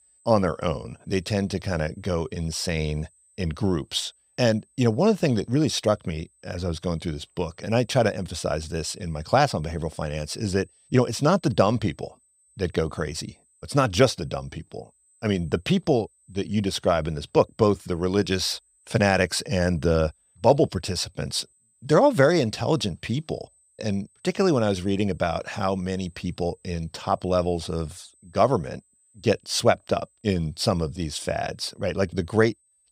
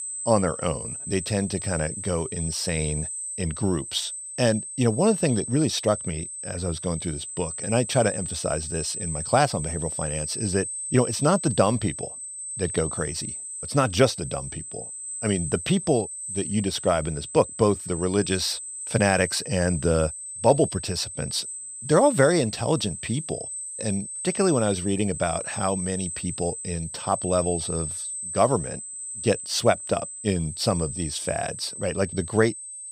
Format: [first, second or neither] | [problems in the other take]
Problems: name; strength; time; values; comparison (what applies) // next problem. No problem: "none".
first | high-pitched whine; loud; throughout; 8 kHz, 6 dB below the speech; faint in the first